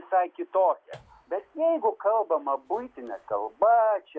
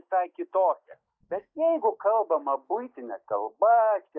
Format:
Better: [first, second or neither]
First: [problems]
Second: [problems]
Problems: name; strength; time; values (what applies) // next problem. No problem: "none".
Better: first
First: none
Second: noise reduction (neural mask model DeepFilterNet 3)